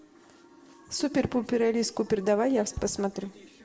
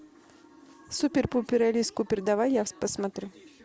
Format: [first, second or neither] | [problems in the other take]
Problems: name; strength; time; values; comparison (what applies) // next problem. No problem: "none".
second | background sound (Bass drum); 15 dB below the speech // room echo; dies away in 0.8 s